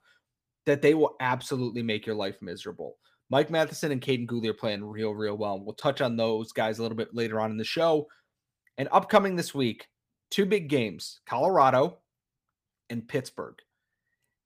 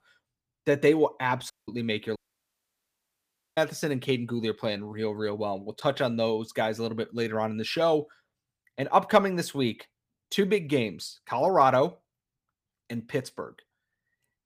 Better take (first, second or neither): first